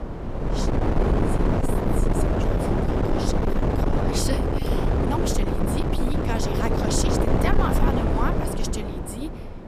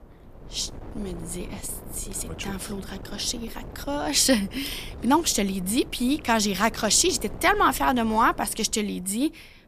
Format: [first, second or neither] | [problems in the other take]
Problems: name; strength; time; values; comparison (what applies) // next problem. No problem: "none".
second | wind noise on the microphone; heavy; 5 dB above the speech; occasional gusts in the second